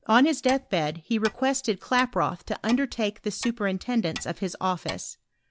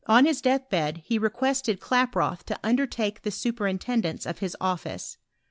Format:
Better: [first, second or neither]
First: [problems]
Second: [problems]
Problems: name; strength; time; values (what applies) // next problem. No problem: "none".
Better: second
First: background sound (Clock); 17 dB below the speech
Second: none